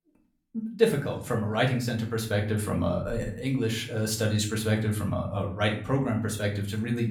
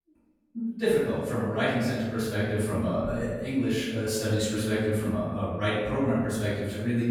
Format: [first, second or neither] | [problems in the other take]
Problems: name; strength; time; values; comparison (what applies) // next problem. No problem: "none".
first | room echo; strong; dies away in 1.3 s; slight in the first // off-mic speech; far; somewhat distant in the first